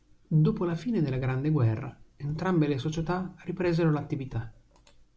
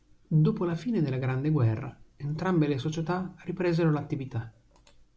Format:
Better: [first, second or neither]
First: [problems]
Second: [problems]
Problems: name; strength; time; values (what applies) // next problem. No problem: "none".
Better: second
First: background sound (Car); 19 dB below the speech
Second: none